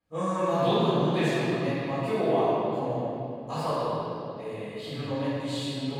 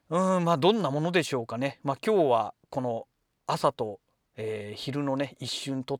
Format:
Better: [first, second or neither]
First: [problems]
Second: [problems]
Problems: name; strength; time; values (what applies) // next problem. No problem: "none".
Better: second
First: room echo; strong; dies away in 2.7 s // off-mic speech; far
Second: none